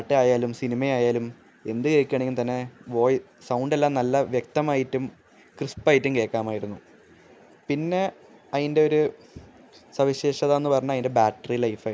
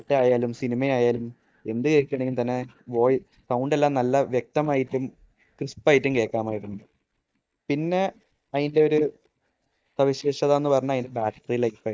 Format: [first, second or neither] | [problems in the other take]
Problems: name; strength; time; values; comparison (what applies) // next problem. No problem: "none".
first | noise reduction (neural mask model DeepFilterNet 3)